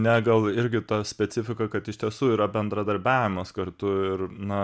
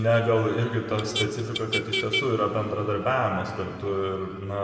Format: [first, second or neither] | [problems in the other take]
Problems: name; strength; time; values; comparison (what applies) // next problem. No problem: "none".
first | background sound (Motor vehicle (road)); 8 dB below the speech // room echo; dies away in 2.6 s